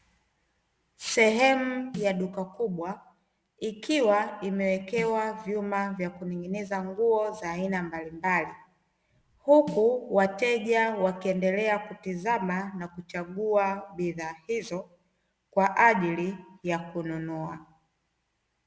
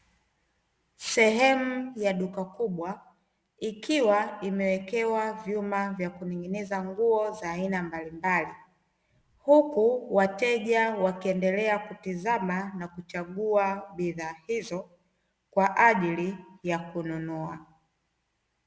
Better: second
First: background sound (Snare drum); 17 dB below the speech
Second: none

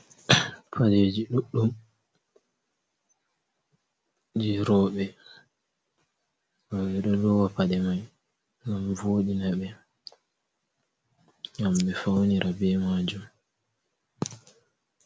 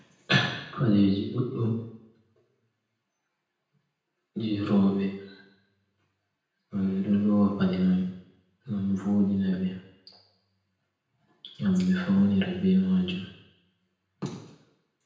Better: first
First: none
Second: room echo; dies away in 0.9 s

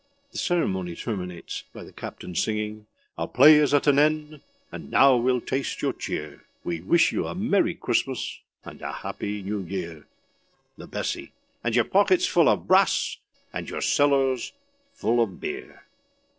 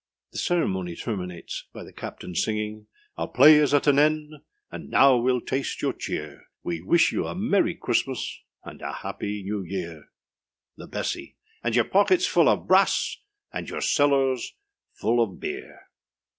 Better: second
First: noise reduction (neural separator model SepFormer DNS4)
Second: none

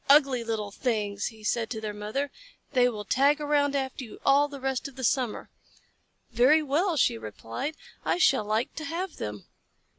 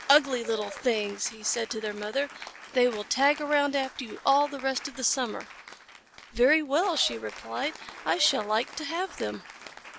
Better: first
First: none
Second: background sound (Applause / Cheering); 16 dB below the speech

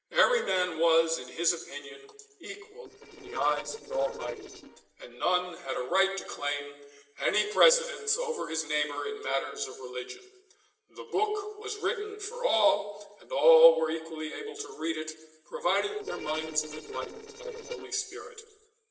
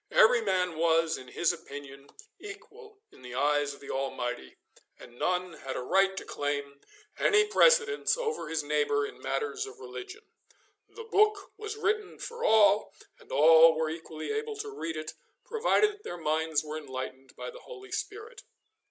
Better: second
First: noise reduction (neural separator model SepFormer DNS4)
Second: none

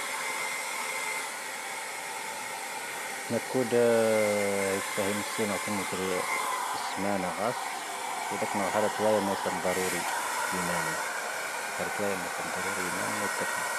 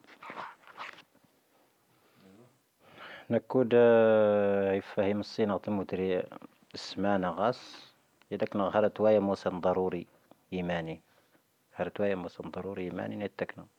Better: second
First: background sound (Domestic sounds, home sounds); as loud as the speech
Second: none

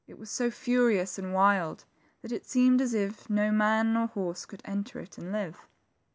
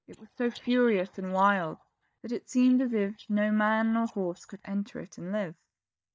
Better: first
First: none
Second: noise reduction (neural mask model DeepFilterNet 3)

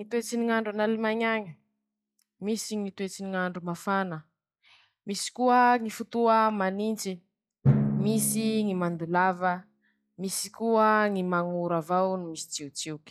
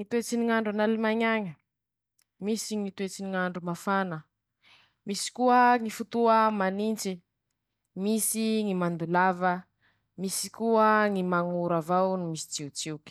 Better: second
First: noise reduction (classical method log-MMSE)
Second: none

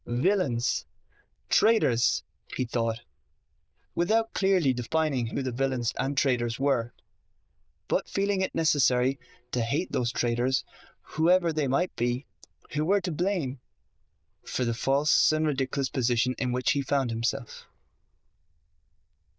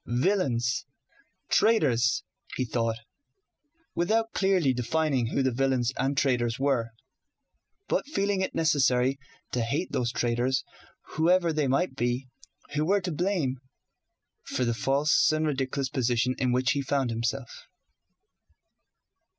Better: second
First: noise reduction (neural diffusion model UNIVERSE++)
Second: none

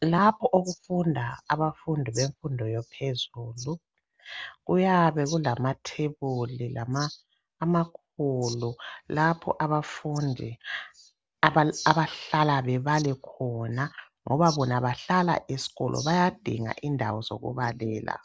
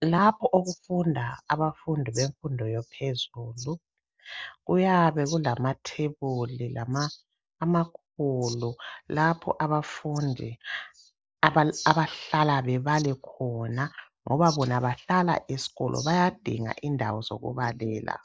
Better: first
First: none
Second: noise reduction (neural mask model DeepFilterNet 3)

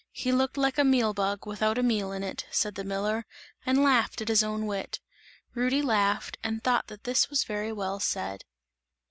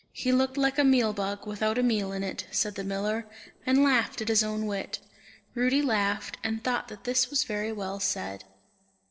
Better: first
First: none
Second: noise reduction (neural separator model SepFormer DNS4)

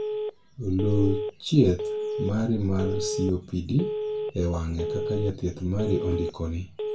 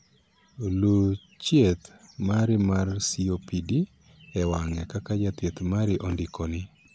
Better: second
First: background sound (Telephone); 5 dB below the speech // room echo; dies away in 0.2 s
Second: none

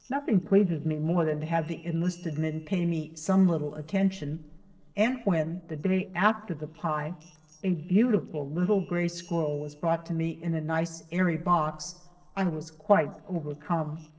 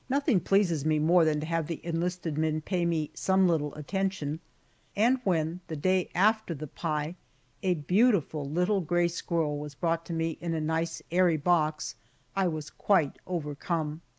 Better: second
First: noise reduction (neural separator model SepFormer DNS4)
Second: none

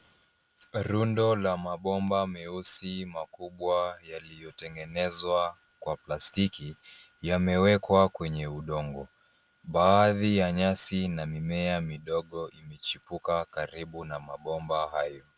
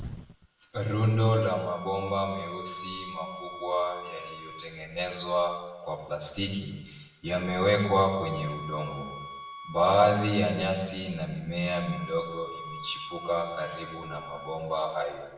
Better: first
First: none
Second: background sound (Bowed string instrument); 13 dB below the speech // room echo; dies away in 1 s

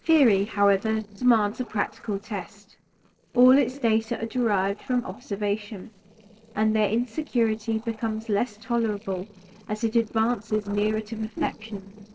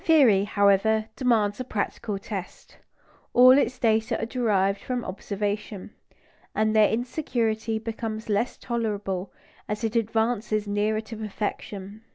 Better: second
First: noise reduction (neural separator model SepFormer DNS4)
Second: none

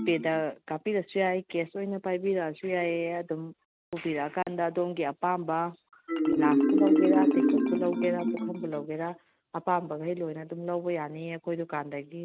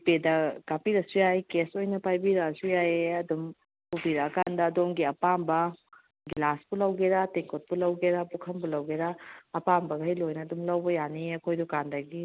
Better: second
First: noise reduction (neural mask model RNNoise)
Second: none

